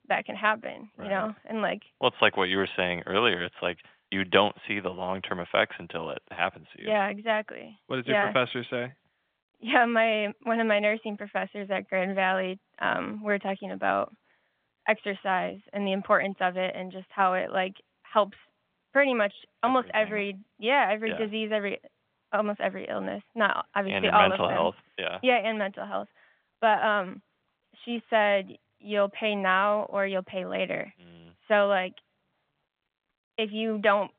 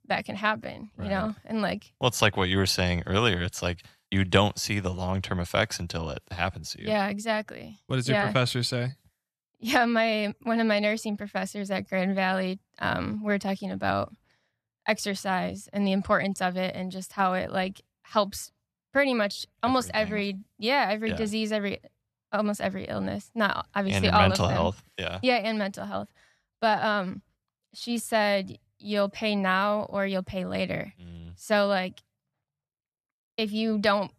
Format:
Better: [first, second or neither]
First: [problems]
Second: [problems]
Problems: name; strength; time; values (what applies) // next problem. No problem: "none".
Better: second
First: phone-call audio; nothing above 3.5 kHz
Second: none